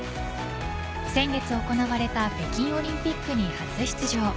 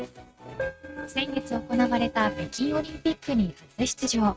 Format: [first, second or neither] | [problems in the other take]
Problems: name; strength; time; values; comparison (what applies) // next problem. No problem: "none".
first | noise reduction (neural mask model RNNoise)